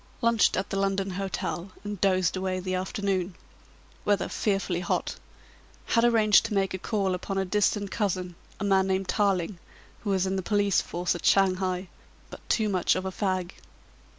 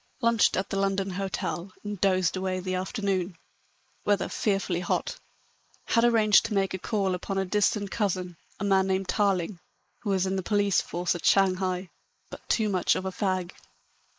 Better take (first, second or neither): first